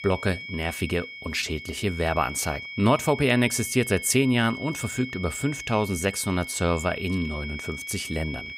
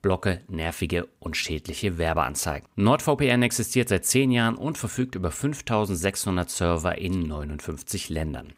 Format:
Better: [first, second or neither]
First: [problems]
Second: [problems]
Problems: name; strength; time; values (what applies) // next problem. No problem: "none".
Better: second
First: high-pitched whine; loud; throughout; 2 kHz, 10 dB below the speech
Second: none